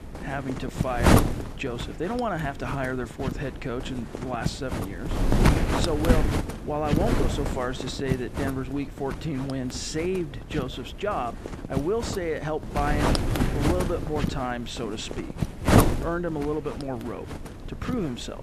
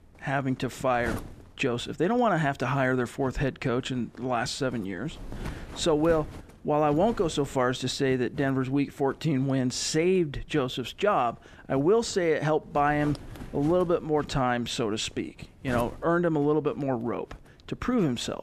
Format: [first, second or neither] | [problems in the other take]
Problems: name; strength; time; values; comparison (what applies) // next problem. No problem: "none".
second | wind noise on the microphone; heavy; as loud as the speech; occasional gusts in the second